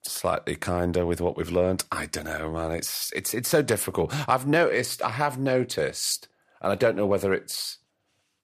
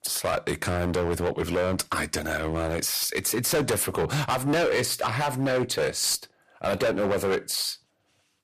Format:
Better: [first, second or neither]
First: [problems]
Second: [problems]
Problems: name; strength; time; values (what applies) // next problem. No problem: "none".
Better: first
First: none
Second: distortion; heavy; 14% of the sound clipped